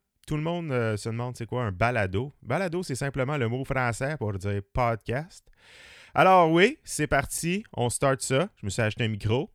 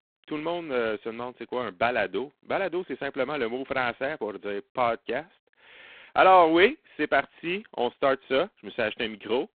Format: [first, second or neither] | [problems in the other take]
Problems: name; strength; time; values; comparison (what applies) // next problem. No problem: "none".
first | phone-call audio; poor line; nothing above 3.5 kHz